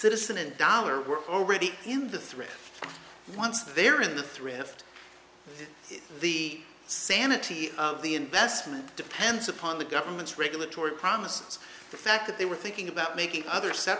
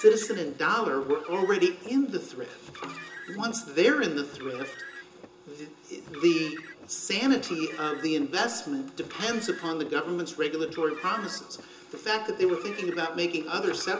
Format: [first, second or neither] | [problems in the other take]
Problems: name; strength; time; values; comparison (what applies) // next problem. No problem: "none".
first | background sound (Car); 18 dB below the speech // room echo; dies away in 0.2 s